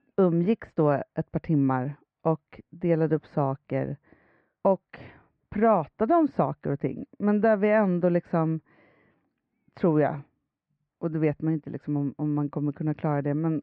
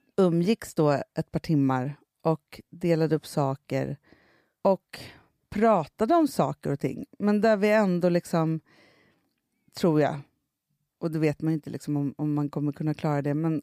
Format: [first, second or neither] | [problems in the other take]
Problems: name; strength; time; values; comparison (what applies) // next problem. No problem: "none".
second | muffled; very; fading above 2 kHz